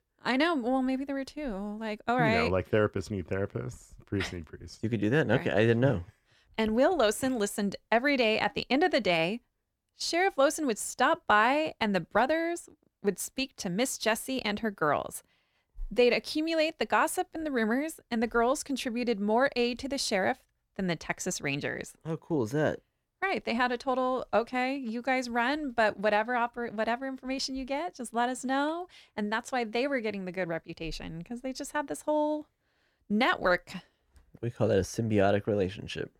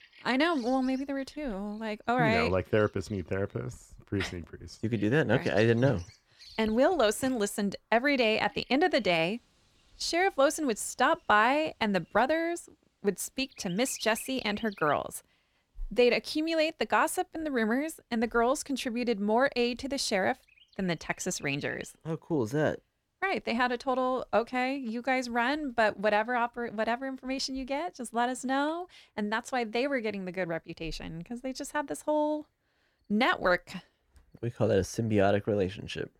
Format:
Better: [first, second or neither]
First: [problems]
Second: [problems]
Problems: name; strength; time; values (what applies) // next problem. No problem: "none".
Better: first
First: none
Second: animal sounds; faint; throughout; 25 dB below the speech